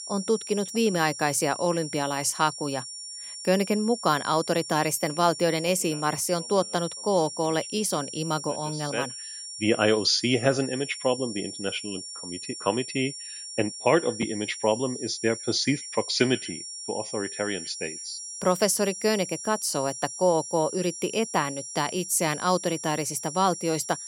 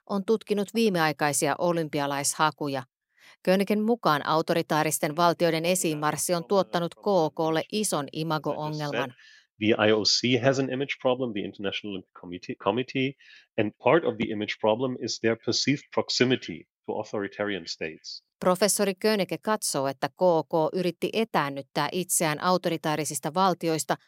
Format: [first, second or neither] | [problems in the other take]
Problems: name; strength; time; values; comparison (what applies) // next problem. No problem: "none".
second | high-pitched whine; loud; throughout; 5.5 kHz, 9 dB below the speech